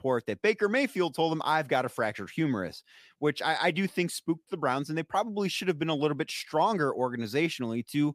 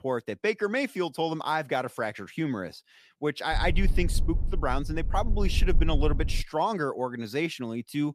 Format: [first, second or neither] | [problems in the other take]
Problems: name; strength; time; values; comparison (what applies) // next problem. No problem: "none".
first | low rumble; noticeable; from 3.5 to 6.5 s; 20 dB below the speech